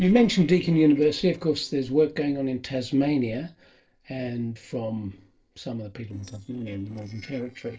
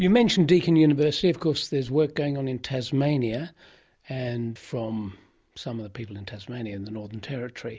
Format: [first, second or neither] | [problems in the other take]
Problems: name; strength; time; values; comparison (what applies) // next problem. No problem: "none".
second | noise reduction (neural separator model SepFormer DNS4)